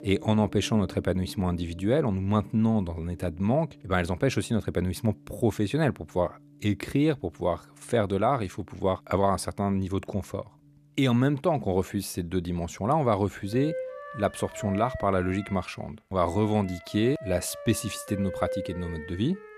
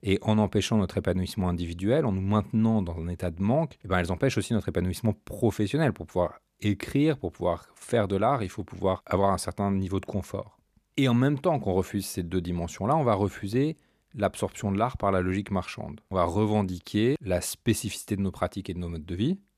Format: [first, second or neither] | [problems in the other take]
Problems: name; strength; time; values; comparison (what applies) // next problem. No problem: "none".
second | background music; noticeable; throughout; 15 dB below the speech